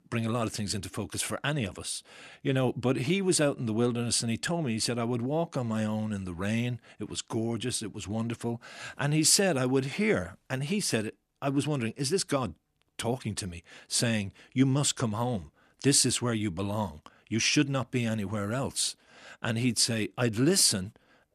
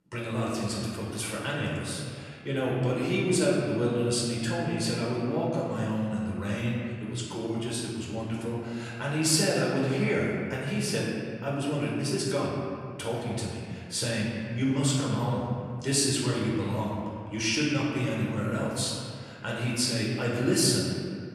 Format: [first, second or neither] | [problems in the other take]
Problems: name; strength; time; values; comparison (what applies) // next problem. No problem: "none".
first | off-mic speech; far // room echo; noticeable; dies away in 2 s